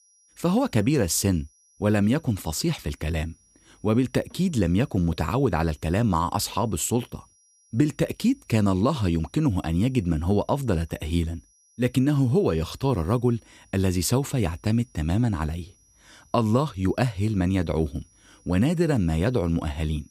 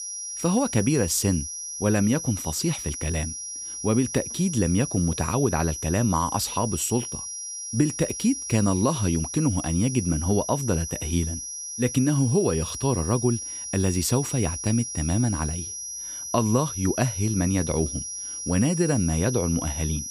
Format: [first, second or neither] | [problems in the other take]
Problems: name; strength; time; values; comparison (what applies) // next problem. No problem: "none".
first | high-pitched whine; loud; throughout; 6 kHz, 6 dB below the speech; faint in the first